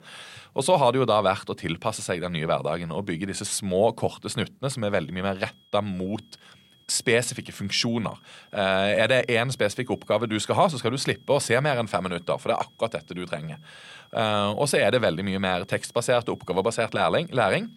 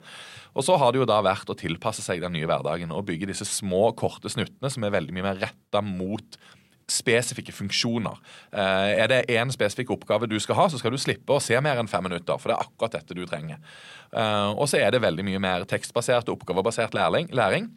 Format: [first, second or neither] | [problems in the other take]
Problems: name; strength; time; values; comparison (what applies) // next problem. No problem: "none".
second | high-pitched whine; faint; from 5 s on; 3.5 kHz, 30 dB below the speech